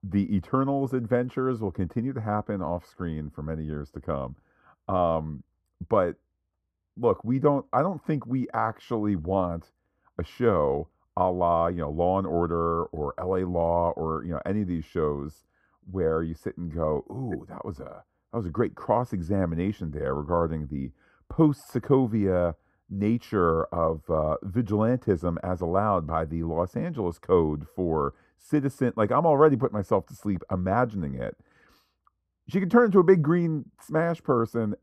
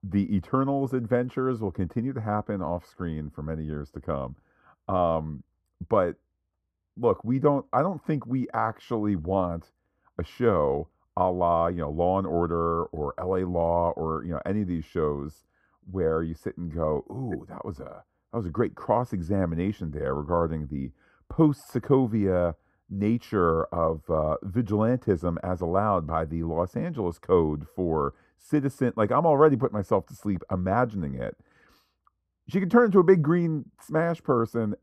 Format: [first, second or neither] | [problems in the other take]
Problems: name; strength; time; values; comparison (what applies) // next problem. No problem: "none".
neither | muffled; slightly; fading above 1 kHz; the same in both